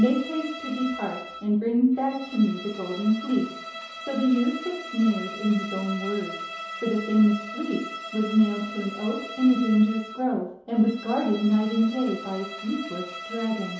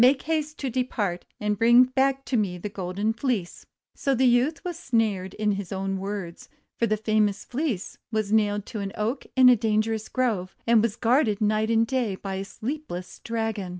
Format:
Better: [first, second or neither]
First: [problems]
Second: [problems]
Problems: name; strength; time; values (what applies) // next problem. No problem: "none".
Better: second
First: background sound (Bowed string instrument); 12 dB below the speech // room echo; dies away in 2.8 s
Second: none